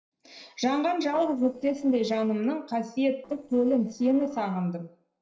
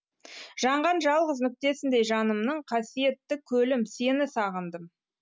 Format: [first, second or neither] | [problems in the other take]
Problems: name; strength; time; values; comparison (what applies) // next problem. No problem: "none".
second | noise reduction (neural separator model SepFormer DNS4)